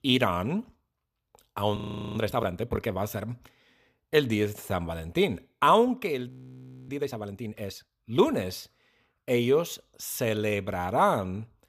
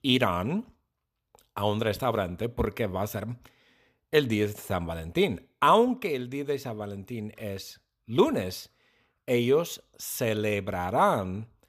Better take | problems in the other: second | audio freezing; at 2 s and at 6.5 s for 0.5 s

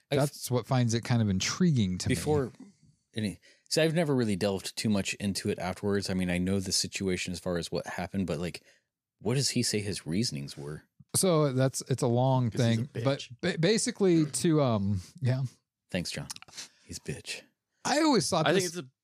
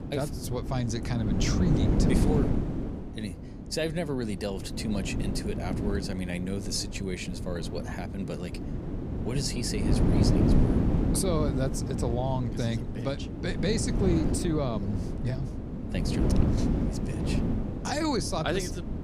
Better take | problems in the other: first | wind noise on the microphone; heavy; 2 dB below the speech

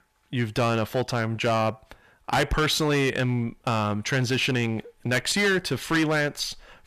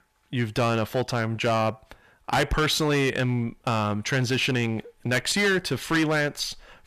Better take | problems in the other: neither | distortion; heavy; 11% of the sound clipped; the same in both

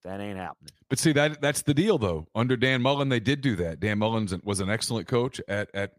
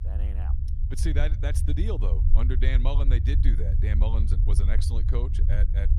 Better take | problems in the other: first | low rumble; loud; throughout; 6 dB below the speech

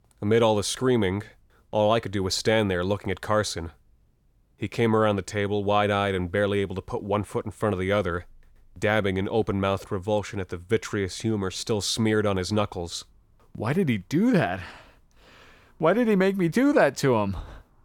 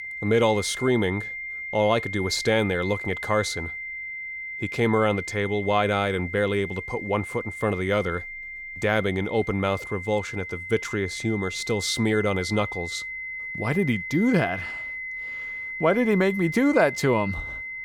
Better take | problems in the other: first | high-pitched whine; loud; throughout; 2 kHz, 8 dB below the speech

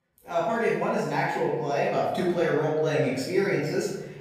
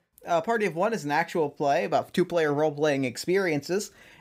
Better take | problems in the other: second | off-mic speech; far // room echo; noticeable; dies away in 1 s

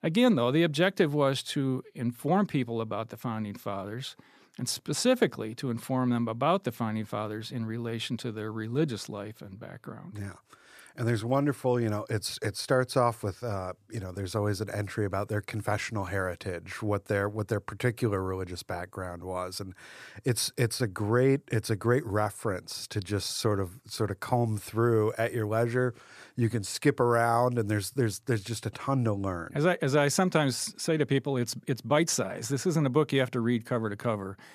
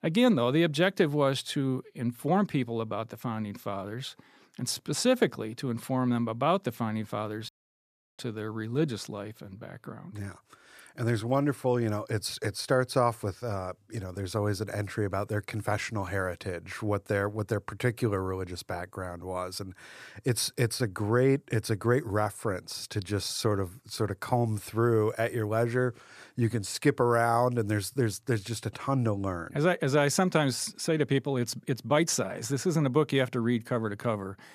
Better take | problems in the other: first | audio cutting out; at 7.5 s for 0.5 s

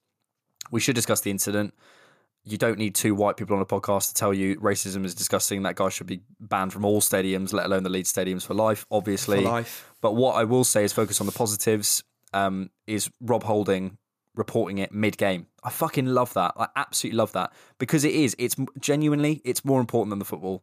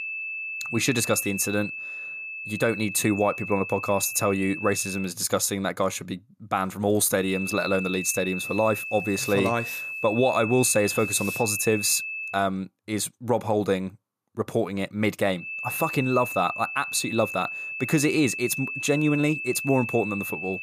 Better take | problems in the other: first | high-pitched whine; loud; until 5 s, from 7 to 12 s and from 15 s on; 2.5 kHz, 6 dB below the speech

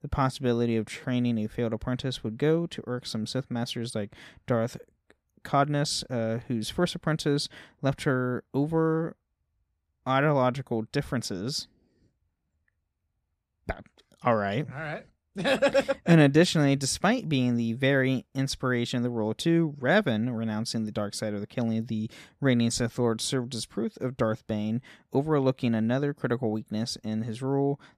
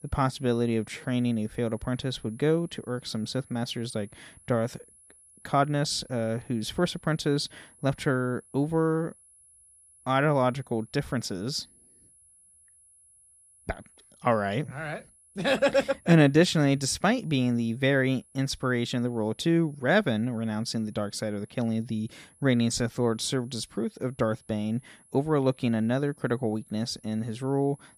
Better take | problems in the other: first | high-pitched whine; faint; throughout; 10.5 kHz, 30 dB below the speech

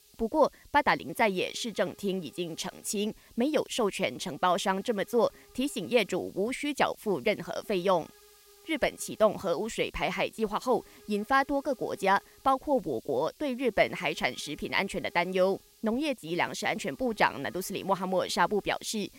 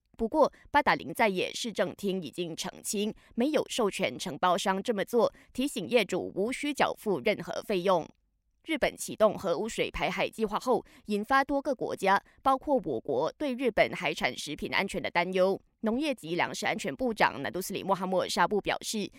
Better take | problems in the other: second | hiss; faint; throughout; 25 dB below the speech

